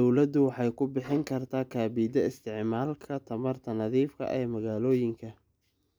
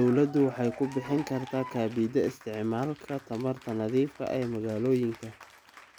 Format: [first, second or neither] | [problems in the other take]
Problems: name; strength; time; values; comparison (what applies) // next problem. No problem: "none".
first | background sound (Applause / Cheering); 18 dB below the speech